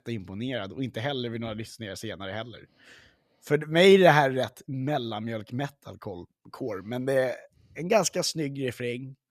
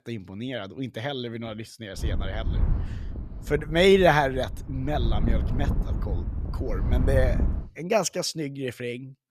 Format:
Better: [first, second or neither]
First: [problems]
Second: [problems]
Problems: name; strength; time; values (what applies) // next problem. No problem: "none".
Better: first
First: none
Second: wind noise on the microphone; occasional gusts; from 2 to 7.5 s; 15 dB below the speech